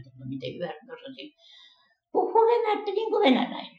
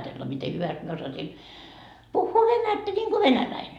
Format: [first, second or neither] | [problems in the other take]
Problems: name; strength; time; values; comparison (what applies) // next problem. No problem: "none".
second | noise reduction (classical method Wiener filter)